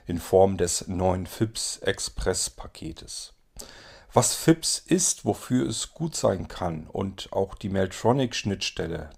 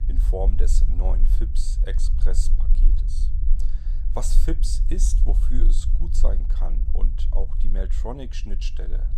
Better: first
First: none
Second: low rumble; noticeable; throughout; 10 dB below the speech

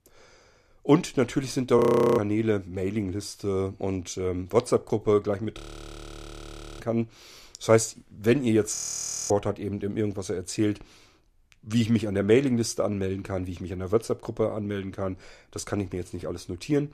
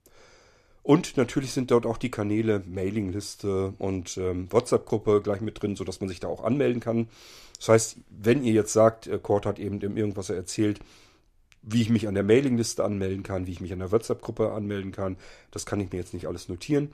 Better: second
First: audio freezing; at 2 s, at 5.5 s for 1 s and at 9 s for 0.5 s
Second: none

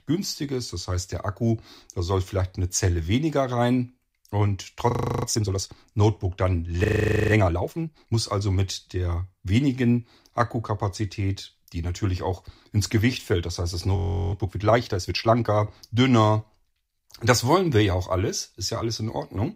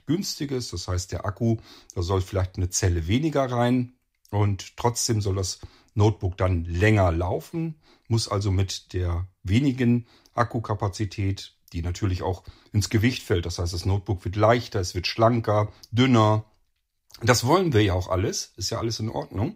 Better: second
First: audio freezing; at 5 s, at 7 s and at 14 s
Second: none

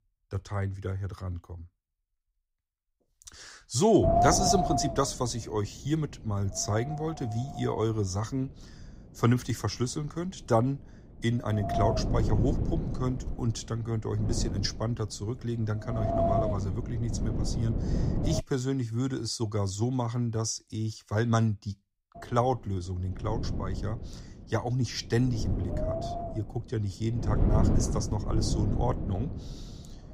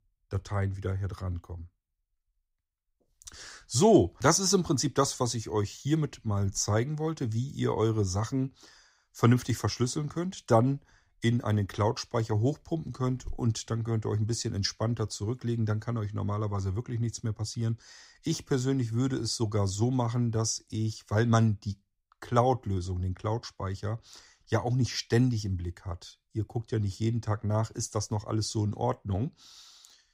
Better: second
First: wind noise on the microphone; heavy; from 4 to 18 s and from 22 s on; as loud as the speech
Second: none

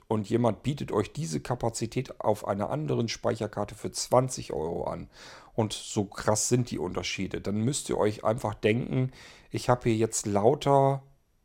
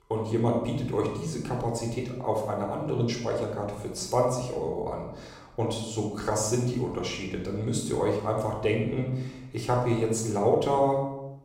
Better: first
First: none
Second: off-mic speech; somewhat distant // room echo; noticeable; dies away in 0.8 s

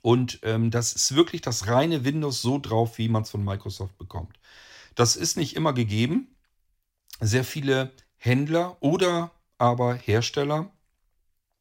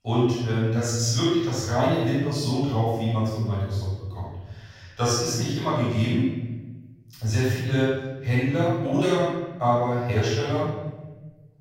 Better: first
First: none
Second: off-mic speech; far // room echo; strong; dies away in 1.2 s

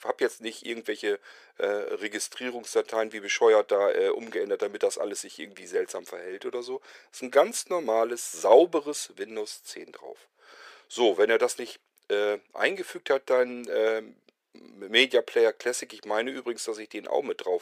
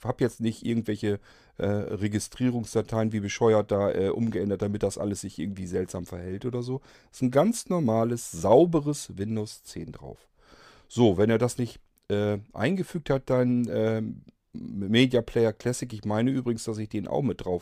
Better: second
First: thin; very; fading below 400 Hz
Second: none

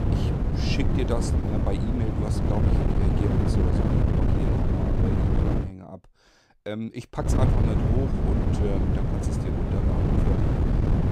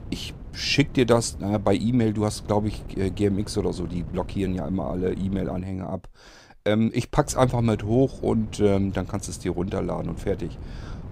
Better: second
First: wind noise on the microphone; heavy; until 5.5 s and from 7.5 s on; 4 dB above the speech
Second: wind noise on the microphone; occasional gusts; until 5.5 s and from 7.5 s on; 20 dB below the speech

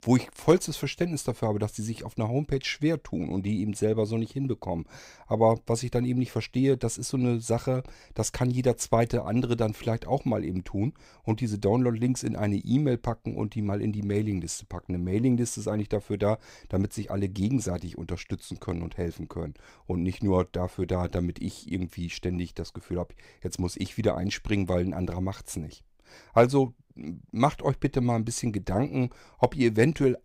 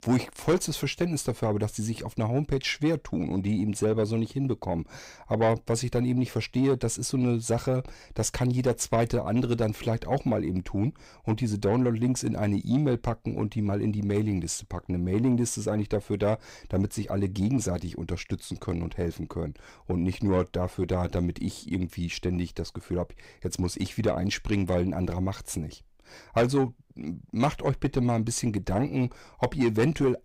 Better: first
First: none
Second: distortion; slight; 10 dB below the speech

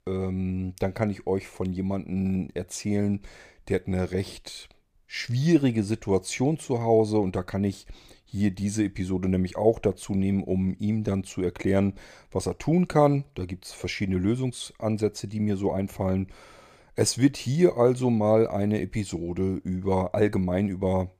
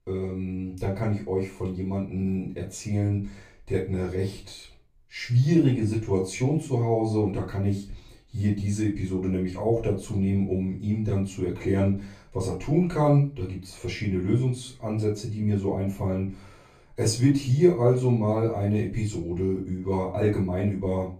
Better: first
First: none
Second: off-mic speech; far // room echo; slight; dies away in 0.3 s

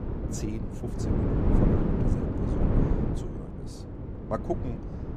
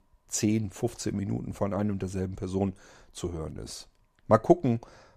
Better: second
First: wind noise on the microphone; heavy; 4 dB above the speech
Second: none

